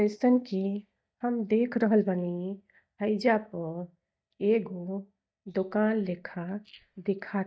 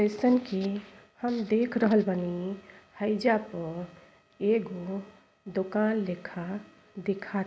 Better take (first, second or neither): second